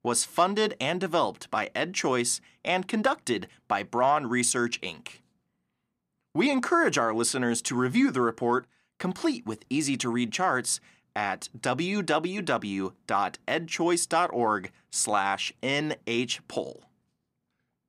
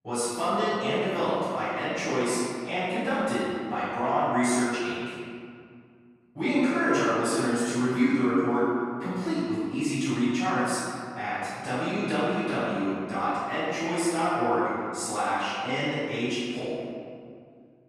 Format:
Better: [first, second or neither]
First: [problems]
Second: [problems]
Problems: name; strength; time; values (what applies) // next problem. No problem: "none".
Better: first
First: none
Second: off-mic speech; far // room echo; strong; dies away in 2.2 s